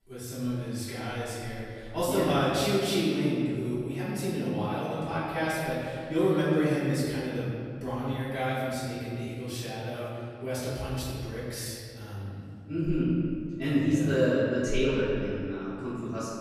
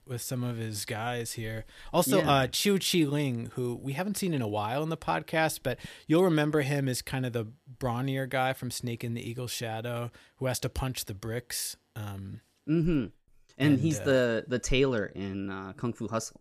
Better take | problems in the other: second | off-mic speech; far // room echo; strong; dies away in 2 s

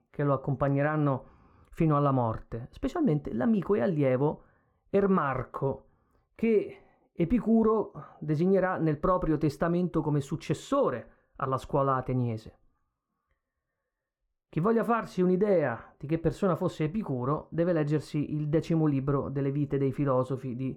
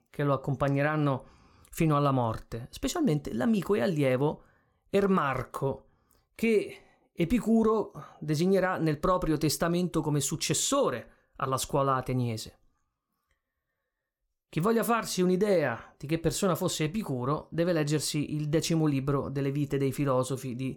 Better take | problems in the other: second | muffled; very; fading above 3 kHz

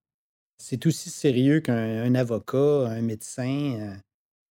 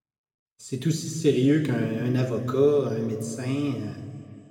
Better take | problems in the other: first | room echo; noticeable; dies away in 1.8 s // off-mic speech; somewhat distant

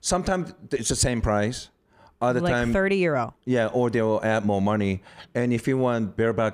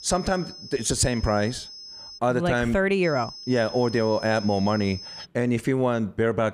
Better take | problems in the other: first | high-pitched whine; noticeable; until 2 s and from 3 to 5.5 s; 5 kHz, 15 dB below the speech

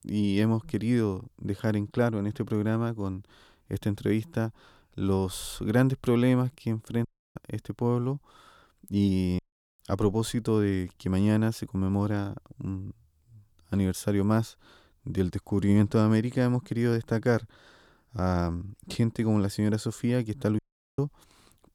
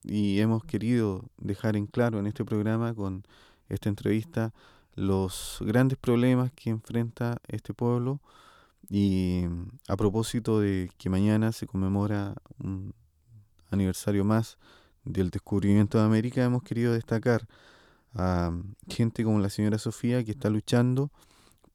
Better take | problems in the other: second | audio cutting out; at 7 s, at 9.5 s and at 21 s

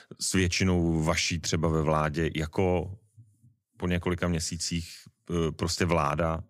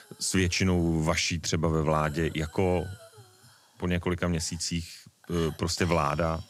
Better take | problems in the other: first | hiss; faint; throughout; 25 dB below the speech

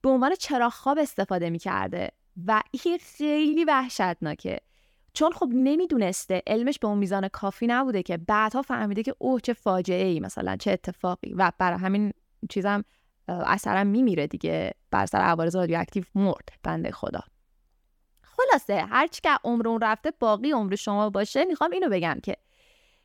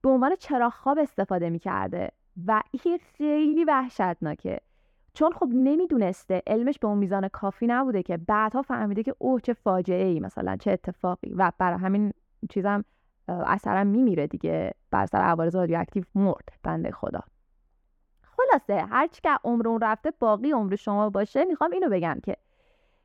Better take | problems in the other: first | muffled; very; fading above 2.5 kHz

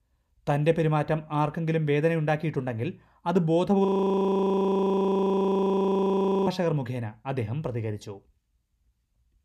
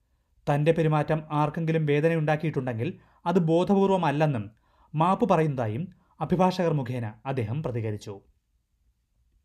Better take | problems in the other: second | audio freezing; at 4 s for 2.5 s

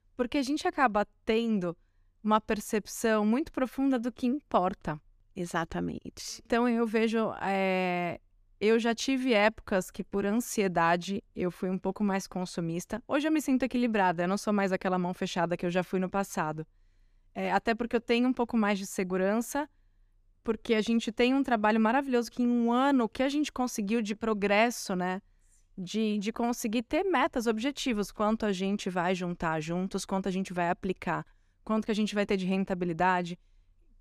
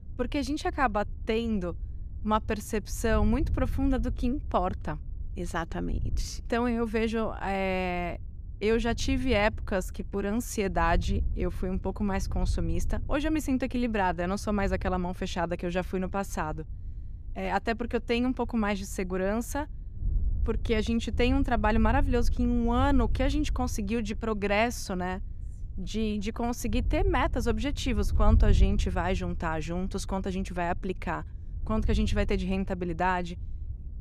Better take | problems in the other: first | wind noise on the microphone; occasional gusts; 25 dB below the speech

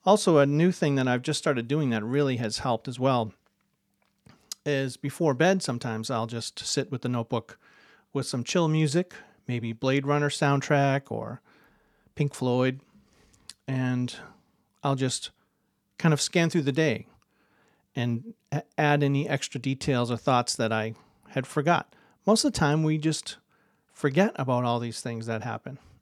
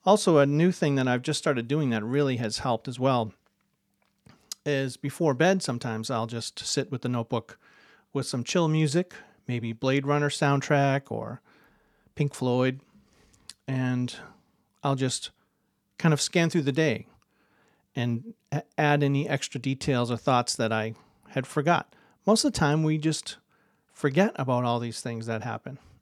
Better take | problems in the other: neither | none

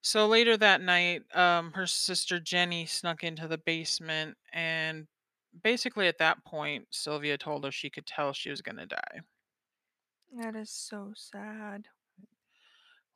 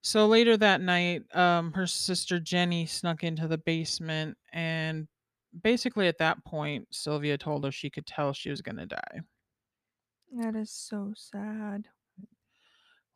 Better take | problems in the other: second | thin; somewhat; fading below 500 Hz

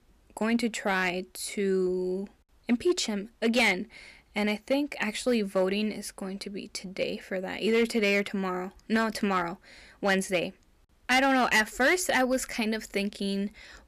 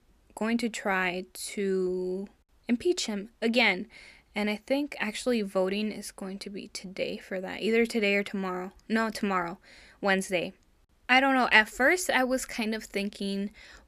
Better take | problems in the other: second | distortion; slight; 3% of the sound clipped

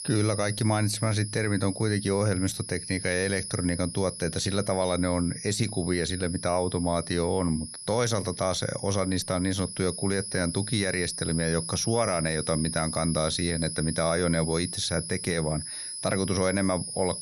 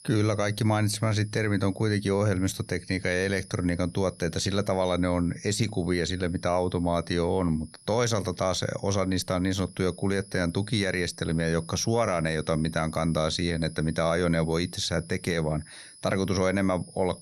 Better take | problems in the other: second | high-pitched whine; loud; throughout; 10.5 kHz, 7 dB below the speech; faint in the second

